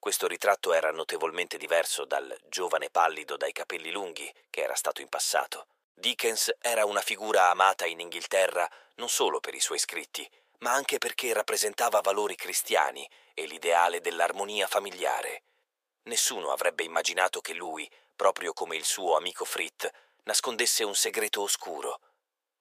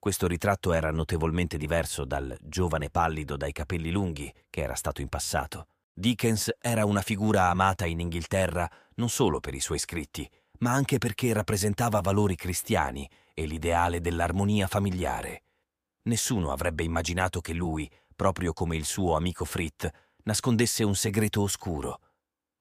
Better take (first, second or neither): second